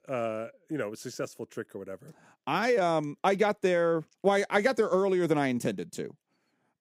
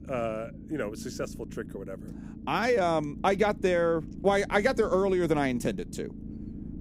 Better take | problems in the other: first | low rumble; faint; throughout; 20 dB below the speech

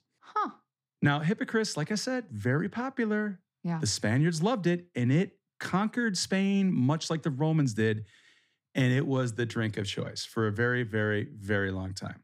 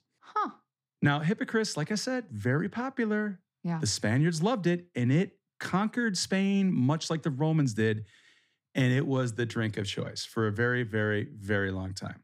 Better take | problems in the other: neither | none

